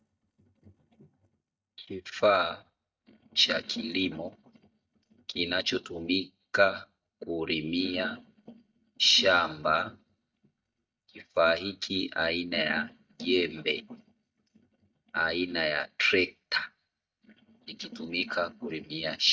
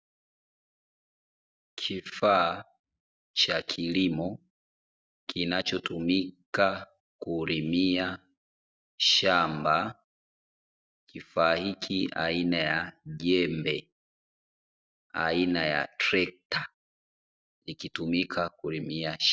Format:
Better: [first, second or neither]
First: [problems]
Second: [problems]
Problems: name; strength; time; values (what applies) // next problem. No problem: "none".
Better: second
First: noise reduction (neural mask model DeepFilterNet 3)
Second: none